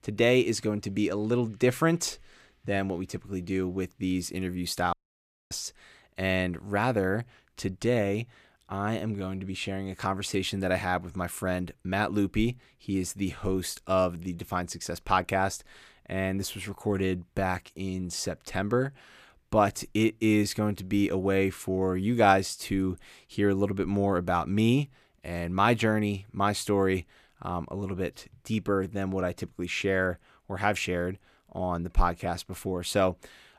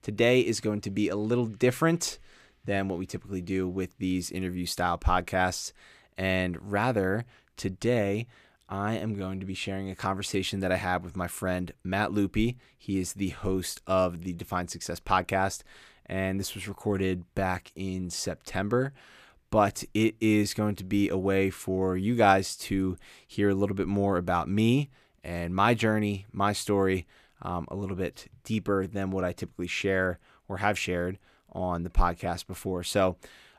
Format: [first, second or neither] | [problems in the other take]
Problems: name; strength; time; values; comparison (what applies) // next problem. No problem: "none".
second | audio cutting out; at 5 s for 0.5 s